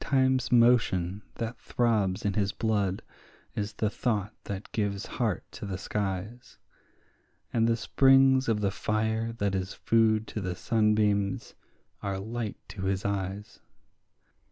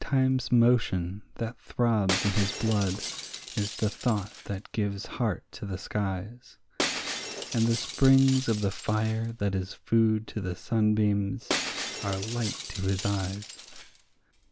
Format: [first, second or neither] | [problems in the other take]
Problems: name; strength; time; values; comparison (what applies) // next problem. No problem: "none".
first | background sound (Shatter); 10 dB below the speech